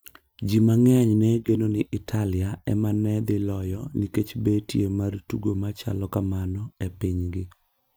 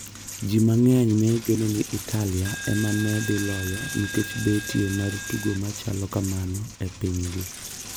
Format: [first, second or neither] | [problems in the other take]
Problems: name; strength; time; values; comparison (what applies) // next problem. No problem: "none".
first | background sound (Coin (dropping)); 11 dB below the speech